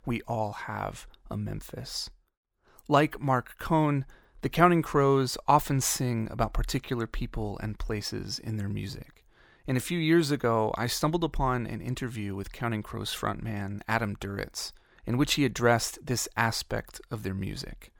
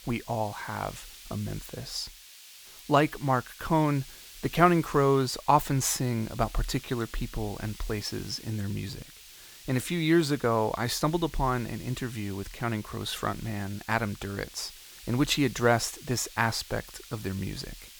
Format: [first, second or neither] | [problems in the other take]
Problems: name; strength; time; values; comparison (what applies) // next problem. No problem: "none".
first | hiss; noticeable; throughout; 15 dB below the speech